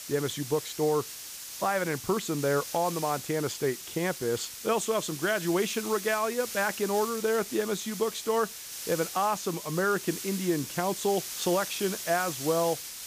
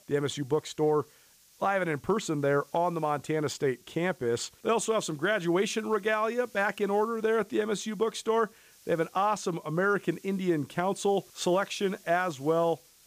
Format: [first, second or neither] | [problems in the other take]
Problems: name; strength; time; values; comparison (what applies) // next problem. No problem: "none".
second | hiss; loud; throughout; 8 dB below the speech; faint in the second